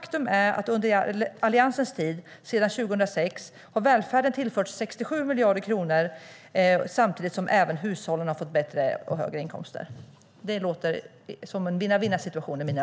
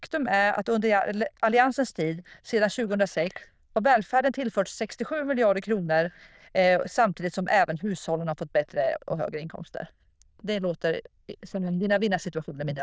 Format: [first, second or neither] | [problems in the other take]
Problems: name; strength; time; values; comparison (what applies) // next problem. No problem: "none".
first | noise reduction (neural diffusion model UNIVERSE++)